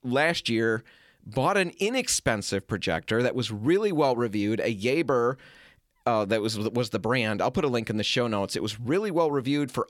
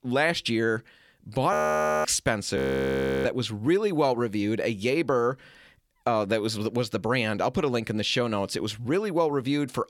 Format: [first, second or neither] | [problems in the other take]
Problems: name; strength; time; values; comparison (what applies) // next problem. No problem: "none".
first | audio freezing; at 1.5 s for 0.5 s and at 2.5 s for 0.5 s